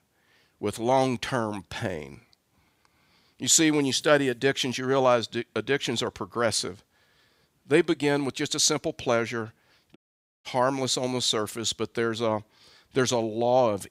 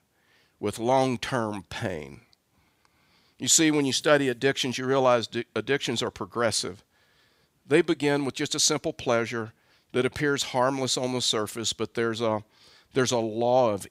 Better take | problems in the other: second | audio cutting out; at 10 s

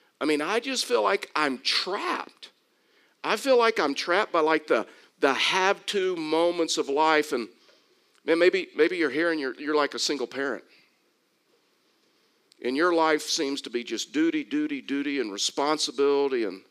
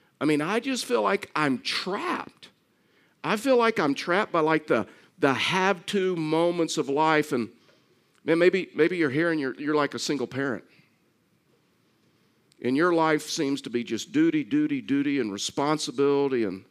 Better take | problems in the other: second | thin; very slightly; fading below 400 Hz

